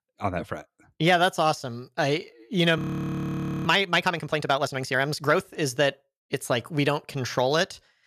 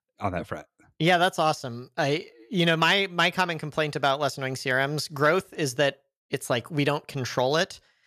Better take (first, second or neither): second